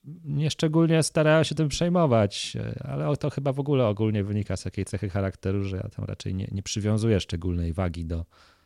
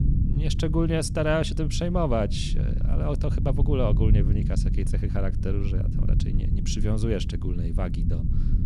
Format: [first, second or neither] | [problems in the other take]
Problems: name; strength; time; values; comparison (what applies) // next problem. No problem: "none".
first | low rumble; noticeable; throughout; 10 dB below the speech